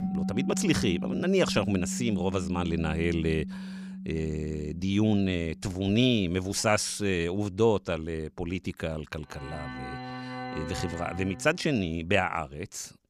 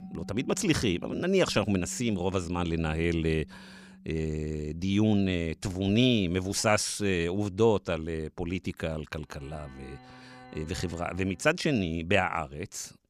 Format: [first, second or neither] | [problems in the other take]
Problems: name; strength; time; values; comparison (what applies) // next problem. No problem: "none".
second | background music; loud; throughout; 8 dB below the speech; faint in the second